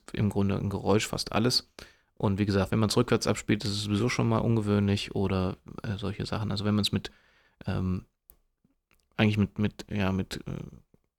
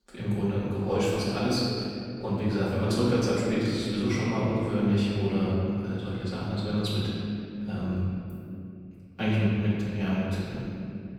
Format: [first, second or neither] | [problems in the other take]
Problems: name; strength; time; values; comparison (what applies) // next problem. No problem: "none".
first | off-mic speech; far // room echo; strong; dies away in 2.7 s